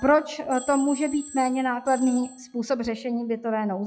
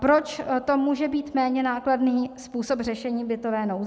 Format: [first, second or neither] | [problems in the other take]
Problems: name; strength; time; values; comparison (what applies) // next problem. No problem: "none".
second | noise reduction (classical method log-MMSE)